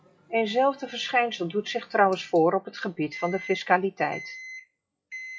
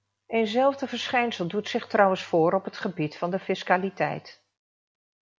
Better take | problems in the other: second | noise reduction (classical method WPE with log-MMSE)

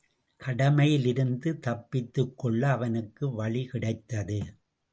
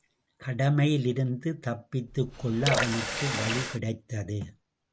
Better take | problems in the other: first | background sound (Water tap, faucet / Water); 2 dB below the speech

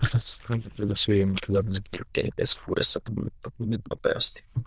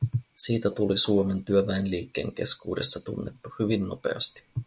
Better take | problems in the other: second | noise reduction (neural diffusion model UNIVERSE++)

